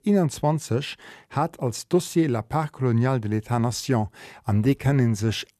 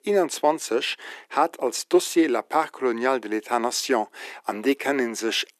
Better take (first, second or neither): first